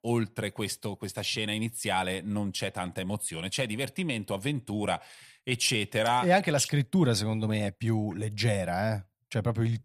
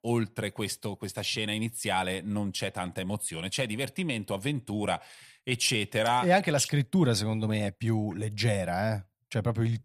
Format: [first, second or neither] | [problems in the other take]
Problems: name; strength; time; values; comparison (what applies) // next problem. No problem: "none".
neither | none